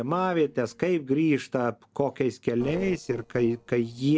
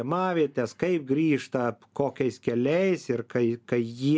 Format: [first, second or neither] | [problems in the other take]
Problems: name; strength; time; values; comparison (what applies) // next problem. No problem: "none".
second | noise reduction (neural separator model SepFormer DNS4)